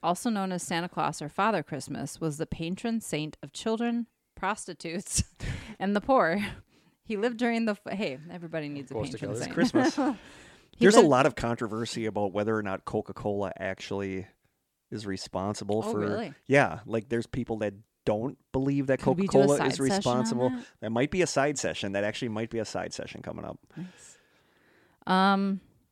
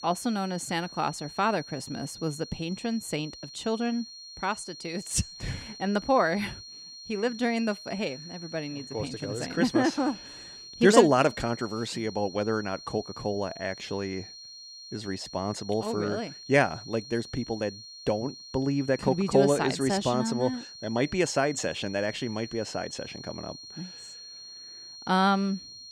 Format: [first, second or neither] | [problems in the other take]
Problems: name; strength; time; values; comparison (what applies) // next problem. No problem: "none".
first | high-pitched whine; noticeable; throughout; 4.5 kHz, 15 dB below the speech